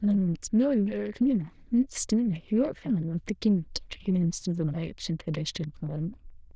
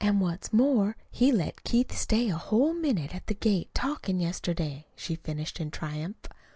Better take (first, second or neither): second